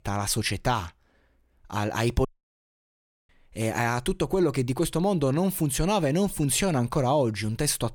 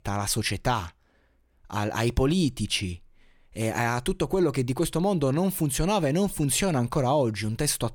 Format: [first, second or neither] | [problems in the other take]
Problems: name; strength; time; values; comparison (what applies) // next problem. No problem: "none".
second | audio cutting out; at 2.5 s for 1 s